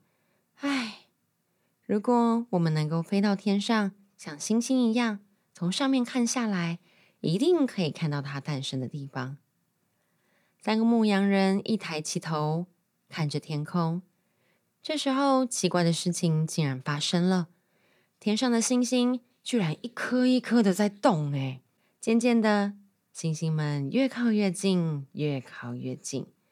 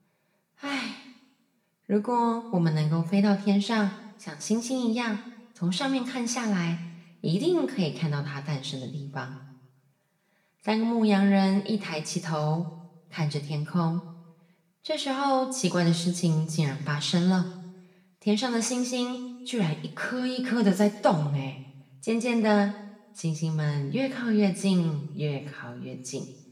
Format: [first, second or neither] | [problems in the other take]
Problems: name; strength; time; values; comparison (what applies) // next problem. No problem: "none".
first | room echo; slight; dies away in 0.8 s // off-mic speech; somewhat distant